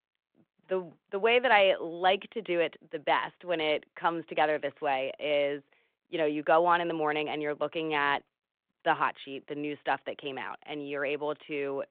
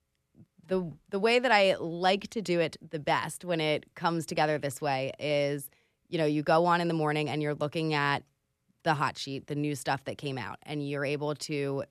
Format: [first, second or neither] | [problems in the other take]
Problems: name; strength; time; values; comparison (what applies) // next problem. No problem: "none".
second | phone-call audio